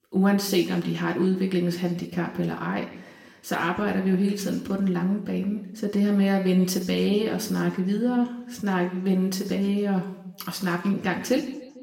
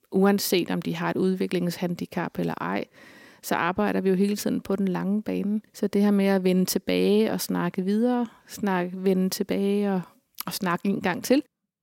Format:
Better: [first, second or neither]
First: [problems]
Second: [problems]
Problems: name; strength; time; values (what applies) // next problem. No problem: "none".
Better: second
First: room echo; slight; dies away in 0.8 s // off-mic speech; somewhat distant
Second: none